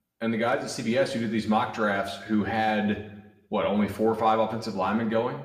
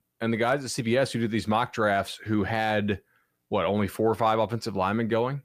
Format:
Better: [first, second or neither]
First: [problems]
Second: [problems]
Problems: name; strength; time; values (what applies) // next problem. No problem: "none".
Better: second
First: room echo; slight; dies away in 0.8 s // off-mic speech; somewhat distant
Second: none